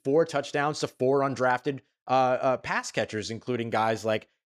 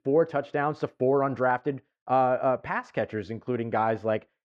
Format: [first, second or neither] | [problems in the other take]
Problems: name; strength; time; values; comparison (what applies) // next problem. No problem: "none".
first | muffled; very; fading above 4 kHz